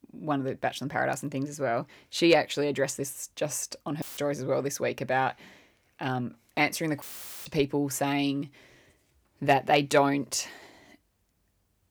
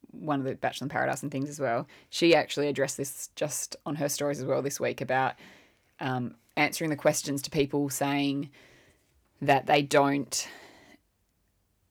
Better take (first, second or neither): second